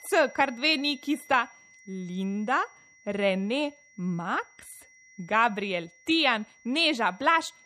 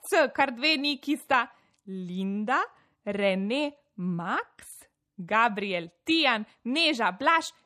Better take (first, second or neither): second